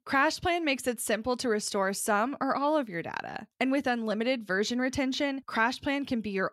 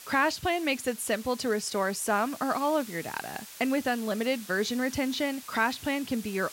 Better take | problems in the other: first | hiss; noticeable; throughout; 15 dB below the speech

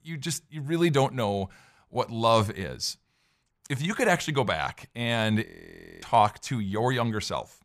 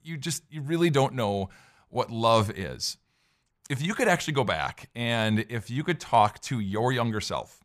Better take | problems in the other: second | audio freezing; at 5.5 s for 0.5 s

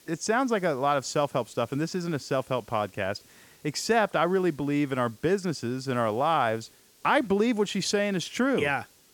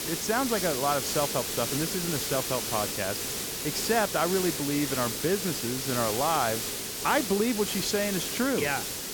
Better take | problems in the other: first | hiss; loud; throughout; 1 dB below the speech; faint in the first

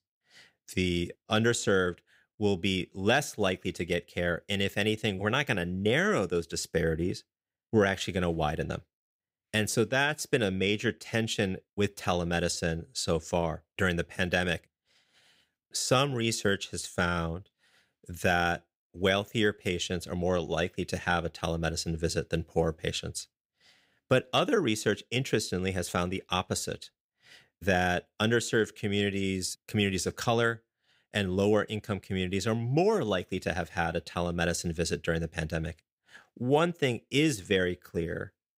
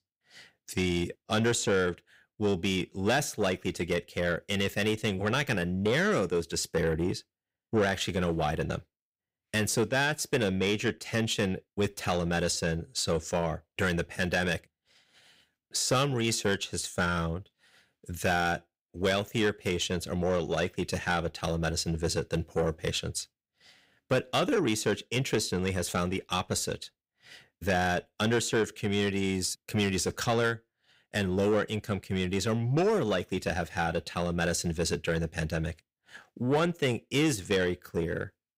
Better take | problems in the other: first | distortion; slight; 10 dB below the speech

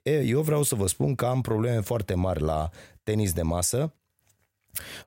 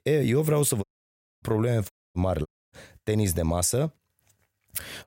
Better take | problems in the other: first | audio cutting out; at 1 s for 0.5 s, at 2 s and at 2.5 s

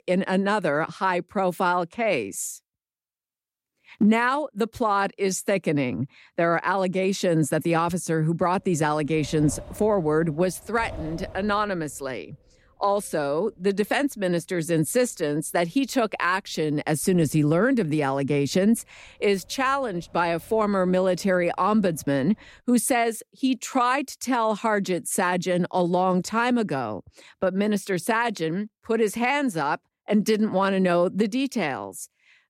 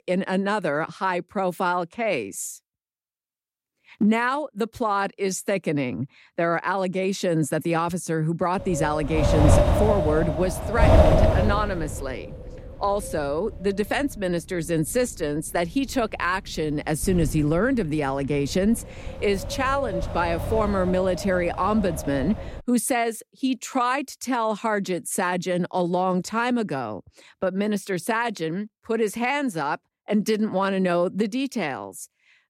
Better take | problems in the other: first | wind noise on the microphone; heavy; from 8.5 to 23 s; 1 dB below the speech; occasional gusts in the first

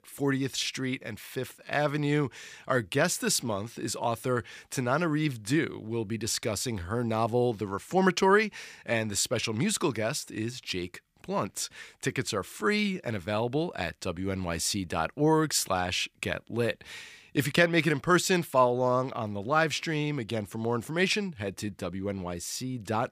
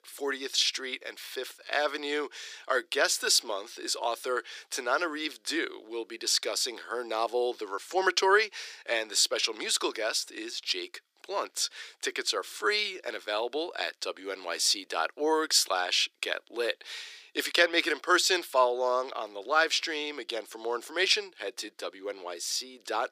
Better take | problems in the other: first | thin; very; fading below 350 Hz

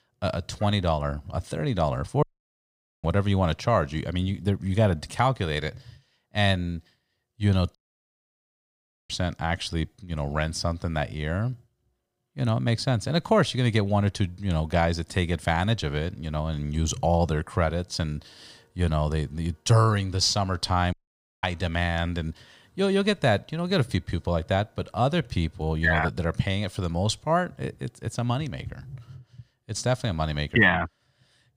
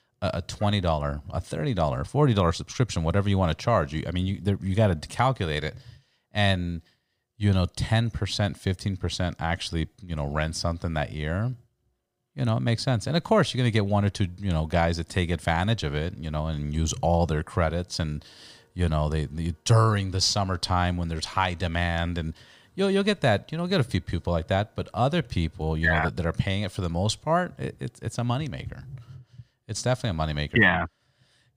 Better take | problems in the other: second | audio cutting out; at 2 s for 1 s, at 8 s for 1.5 s and at 21 s for 0.5 s

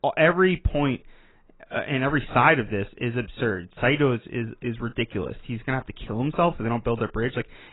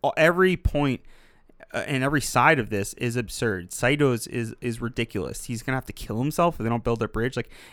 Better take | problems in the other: second | garbled, watery; badly; nothing above 4 kHz

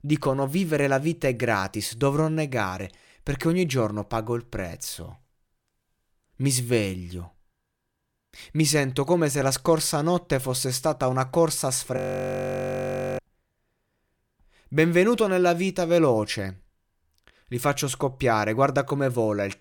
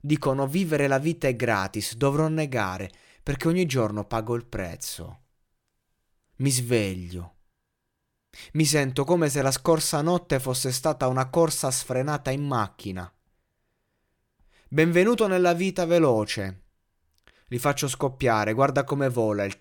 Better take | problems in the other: second | audio freezing; at 12 s for 1 s

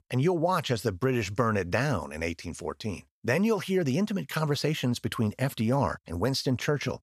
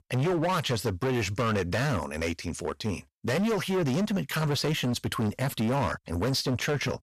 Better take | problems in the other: first | distortion; heavy; 22% of the sound clipped

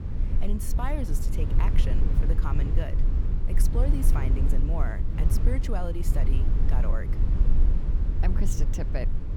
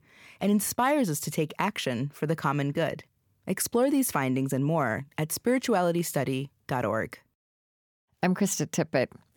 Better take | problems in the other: second | low rumble; loud; throughout; 4 dB below the speech

